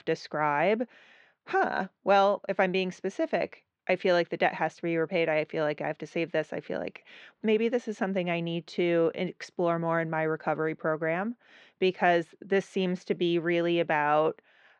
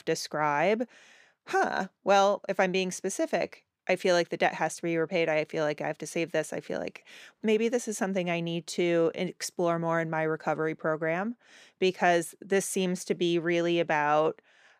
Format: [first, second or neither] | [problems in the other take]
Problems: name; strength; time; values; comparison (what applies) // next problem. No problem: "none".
second | muffled; slightly; fading above 3.5 kHz